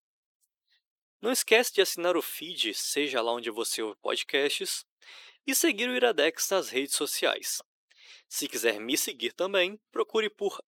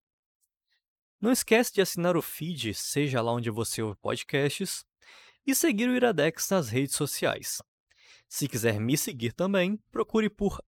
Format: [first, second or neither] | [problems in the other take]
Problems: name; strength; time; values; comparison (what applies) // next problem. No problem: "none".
second | thin; somewhat; fading below 350 Hz